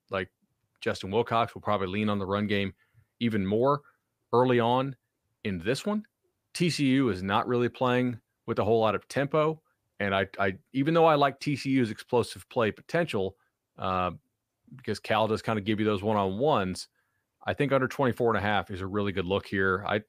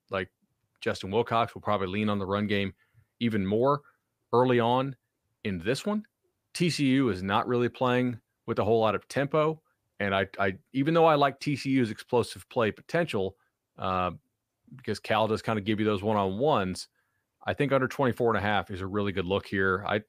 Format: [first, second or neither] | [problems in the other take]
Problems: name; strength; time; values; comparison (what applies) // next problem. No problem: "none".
neither | none